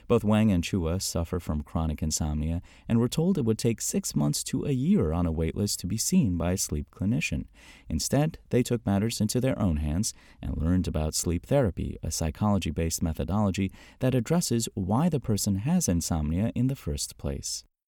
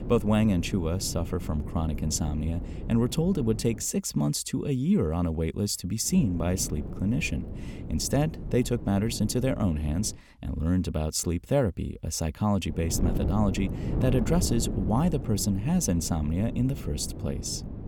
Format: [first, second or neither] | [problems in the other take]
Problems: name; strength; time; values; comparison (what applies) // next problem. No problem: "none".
first | wind noise on the microphone; occasional gusts; until 4 s, from 6 to 10 s and from 13 s on; 10 dB below the speech